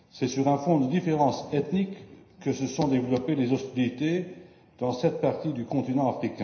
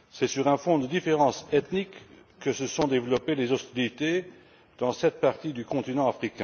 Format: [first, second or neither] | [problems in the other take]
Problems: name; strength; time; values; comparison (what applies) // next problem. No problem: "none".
second | room echo; dies away in 0.9 s